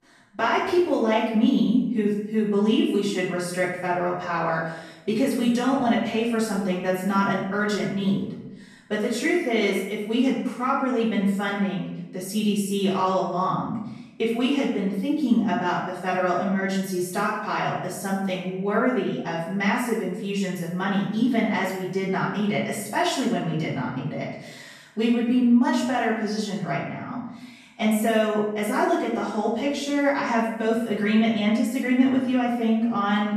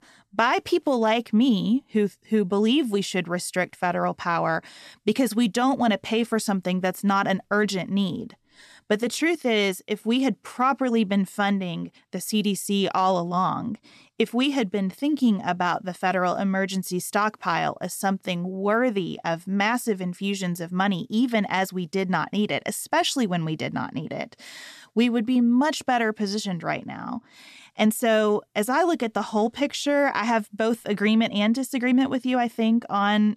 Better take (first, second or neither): second